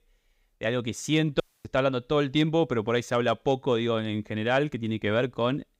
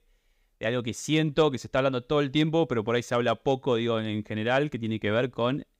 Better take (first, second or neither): second